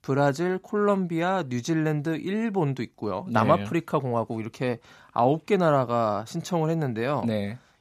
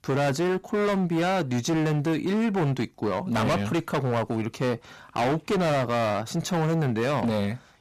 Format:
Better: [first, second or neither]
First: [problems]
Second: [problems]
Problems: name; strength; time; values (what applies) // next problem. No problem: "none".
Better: first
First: none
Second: distortion; heavy; 26% of the sound clipped